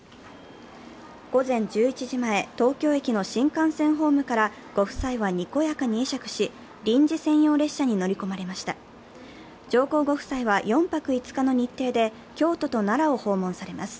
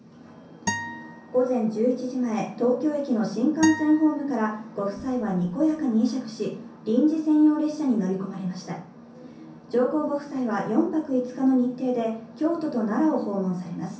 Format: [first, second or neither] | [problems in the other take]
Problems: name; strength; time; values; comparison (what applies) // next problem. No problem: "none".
first | background sound (Acoustic guitar); 11 dB below the speech // room echo; dies away in 0.6 s